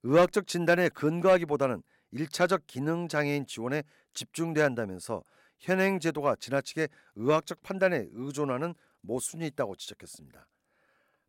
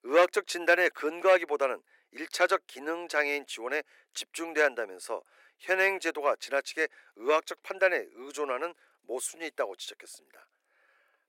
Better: first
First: none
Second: thin; very; fading below 350 Hz

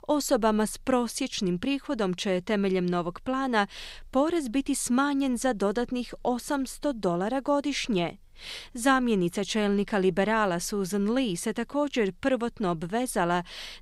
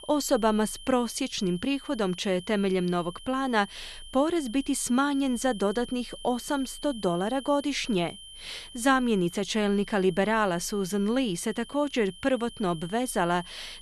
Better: first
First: none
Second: high-pitched whine; noticeable; throughout; 3 kHz, 15 dB below the speech

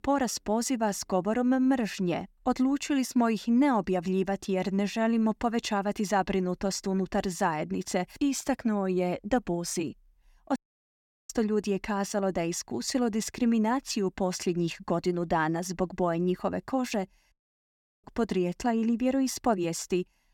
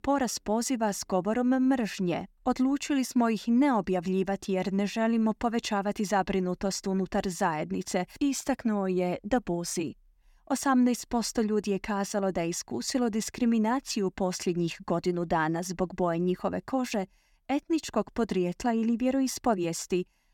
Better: second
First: audio cutting out; at 11 s for 0.5 s and at 17 s for 0.5 s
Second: none

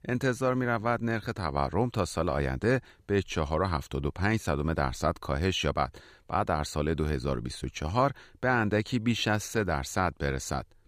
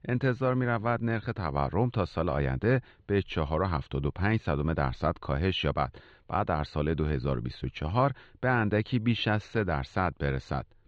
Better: first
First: none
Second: muffled; slightly; fading above 3.5 kHz

